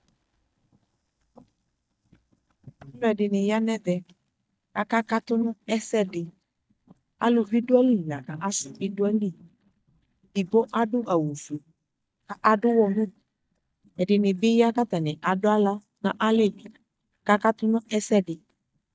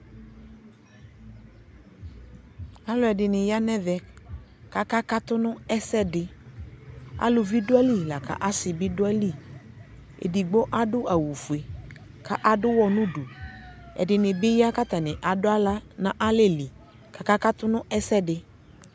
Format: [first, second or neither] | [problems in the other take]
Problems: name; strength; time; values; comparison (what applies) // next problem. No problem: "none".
second | noise reduction (neural mask model DeepFilterNet 3)